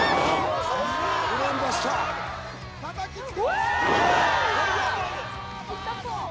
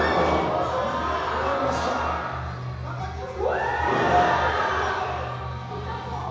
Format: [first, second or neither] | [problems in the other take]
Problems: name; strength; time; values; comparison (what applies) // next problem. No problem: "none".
first | room echo; dies away in 1.1 s